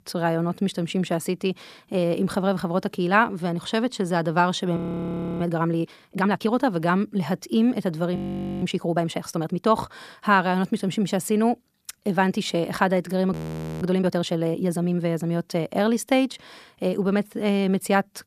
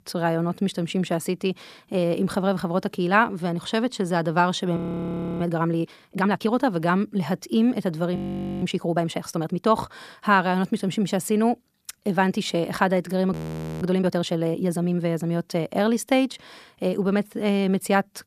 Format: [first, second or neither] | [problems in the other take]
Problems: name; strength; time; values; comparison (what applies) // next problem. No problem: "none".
neither | audio freezing; at 5 s for 0.5 s, at 8 s and at 13 s; the same in both